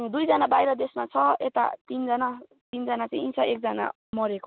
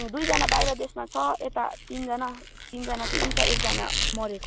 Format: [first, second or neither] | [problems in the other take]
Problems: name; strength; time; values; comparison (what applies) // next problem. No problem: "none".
first | background sound (Squeak); 1 dB above the speech